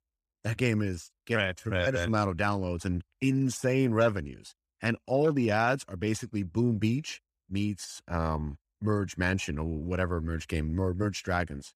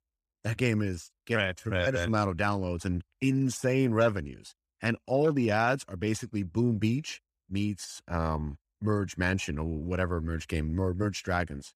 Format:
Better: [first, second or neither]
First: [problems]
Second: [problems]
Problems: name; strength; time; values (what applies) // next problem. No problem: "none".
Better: neither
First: none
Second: none